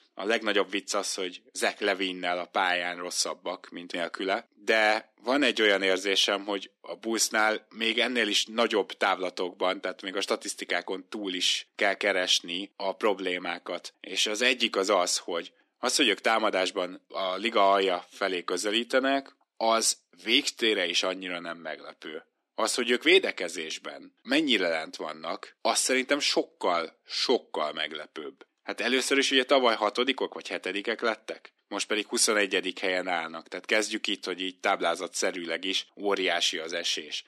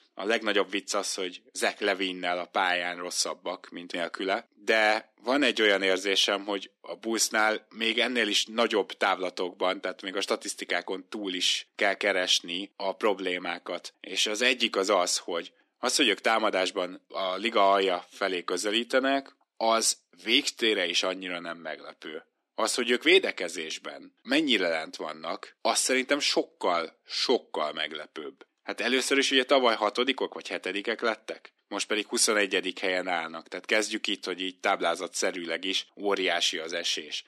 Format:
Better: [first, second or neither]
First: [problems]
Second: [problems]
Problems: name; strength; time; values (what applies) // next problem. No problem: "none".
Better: neither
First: thin; somewhat; fading below 250 Hz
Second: thin; somewhat; fading below 250 Hz